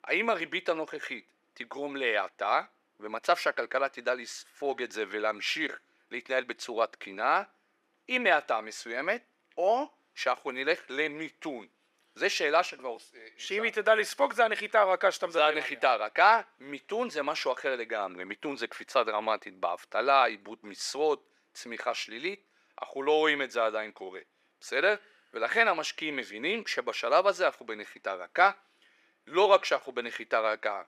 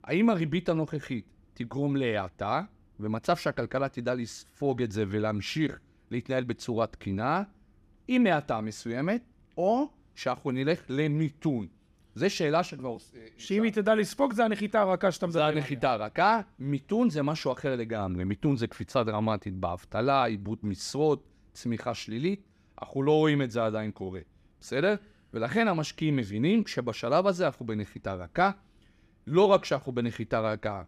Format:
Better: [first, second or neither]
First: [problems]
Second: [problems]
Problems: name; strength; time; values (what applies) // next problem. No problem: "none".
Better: second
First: thin; very; fading below 450 Hz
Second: none